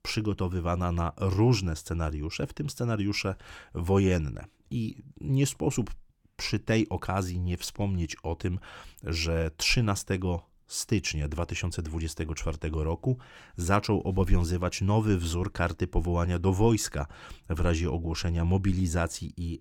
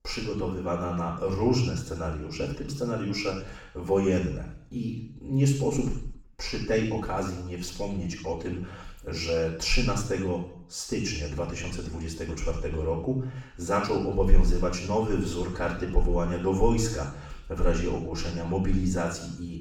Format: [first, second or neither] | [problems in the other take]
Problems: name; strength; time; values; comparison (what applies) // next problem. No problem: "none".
first | room echo; noticeable; dies away in 0.7 s // off-mic speech; far